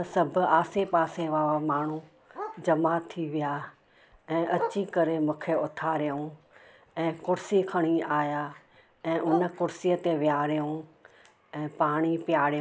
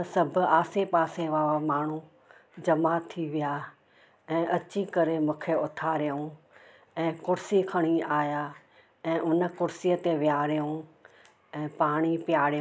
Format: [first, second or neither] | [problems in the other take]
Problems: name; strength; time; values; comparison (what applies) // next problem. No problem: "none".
second | background sound (Bark); 16 dB below the speech